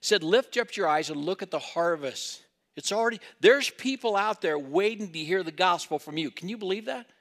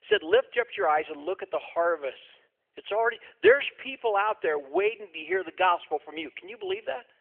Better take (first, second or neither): first